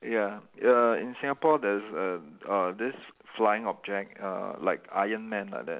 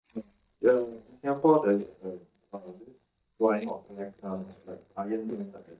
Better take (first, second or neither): first